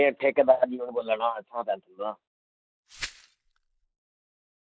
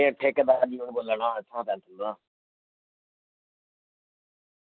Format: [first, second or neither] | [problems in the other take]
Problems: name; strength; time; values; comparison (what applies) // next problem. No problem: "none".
second | noise reduction (neural mask model DeepFilterNet 3)